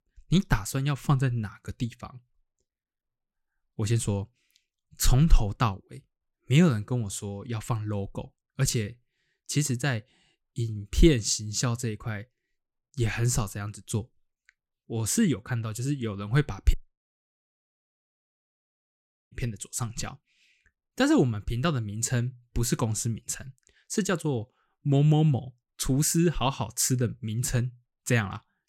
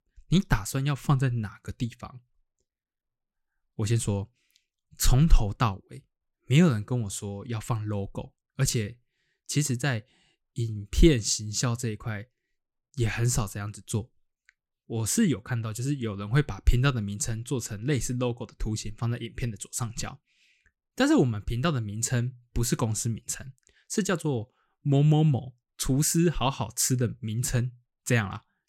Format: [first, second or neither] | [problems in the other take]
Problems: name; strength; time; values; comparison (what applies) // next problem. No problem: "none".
second | audio cutting out; at 17 s for 2.5 s